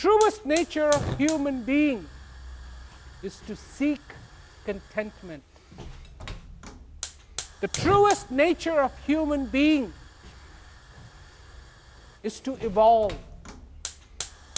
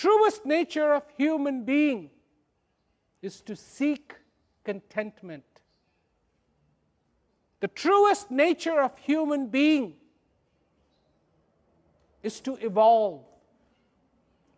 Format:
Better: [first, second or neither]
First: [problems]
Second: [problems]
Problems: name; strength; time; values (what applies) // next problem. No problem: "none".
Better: second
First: background sound (Hiss / Fire); 13 dB below the speech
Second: none